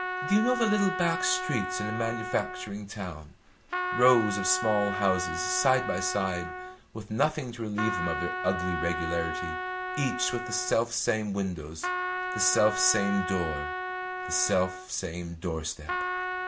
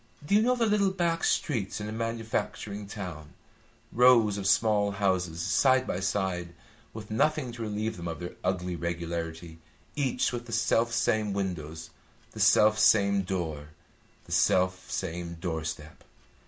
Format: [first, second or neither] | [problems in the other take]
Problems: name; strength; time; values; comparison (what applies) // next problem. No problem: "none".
second | background sound (Trumpet); 4 dB below the speech